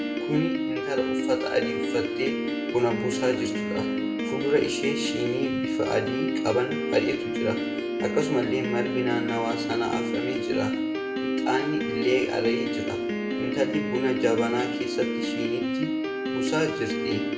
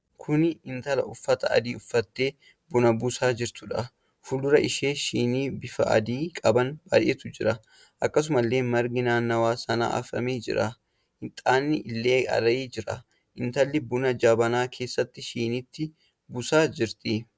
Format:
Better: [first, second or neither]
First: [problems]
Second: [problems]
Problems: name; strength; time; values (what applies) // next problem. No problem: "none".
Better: second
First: background sound (Piano); 1 dB above the speech // room echo; dies away in 0.6 s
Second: none